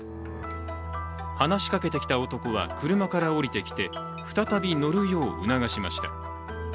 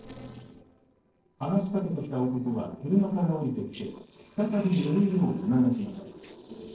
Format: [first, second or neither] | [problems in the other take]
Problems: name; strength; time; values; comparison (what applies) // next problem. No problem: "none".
first | noise reduction (neural separator model SepFormer DNS4)